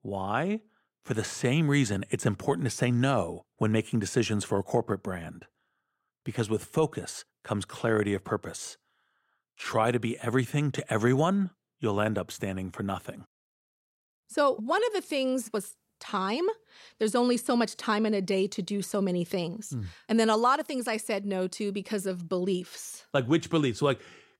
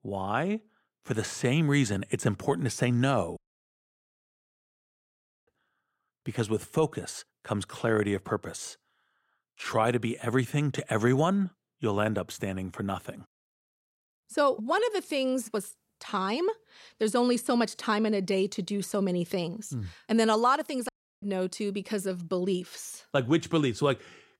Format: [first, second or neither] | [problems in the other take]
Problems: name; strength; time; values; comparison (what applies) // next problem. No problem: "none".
first | audio cutting out; at 3.5 s for 2 s and at 21 s